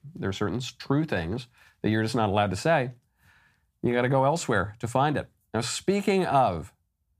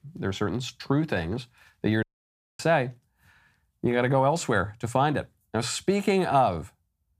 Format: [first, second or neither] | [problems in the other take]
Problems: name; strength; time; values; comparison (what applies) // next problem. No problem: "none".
first | audio cutting out; at 2 s for 0.5 s